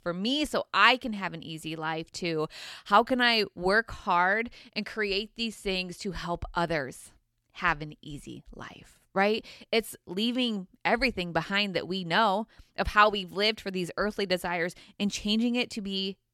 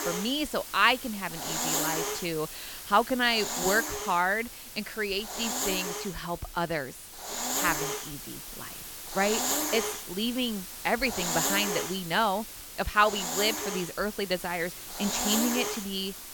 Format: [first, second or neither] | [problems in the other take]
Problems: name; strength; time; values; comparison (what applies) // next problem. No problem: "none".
first | hiss; loud; throughout; 3 dB below the speech